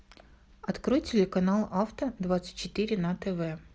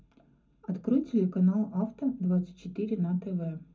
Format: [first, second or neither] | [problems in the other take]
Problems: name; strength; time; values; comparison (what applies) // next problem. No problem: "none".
first | room echo; dies away in 0.3 s